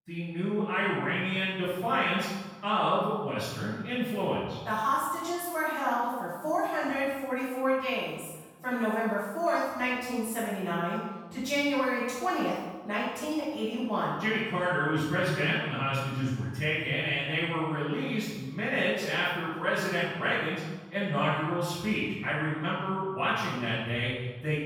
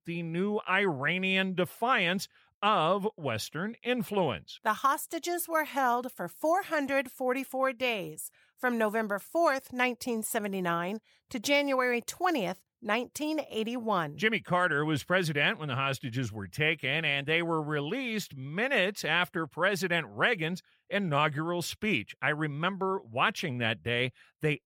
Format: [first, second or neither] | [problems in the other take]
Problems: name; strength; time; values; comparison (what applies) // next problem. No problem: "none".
second | off-mic speech; far // room echo; strong; dies away in 1.1 s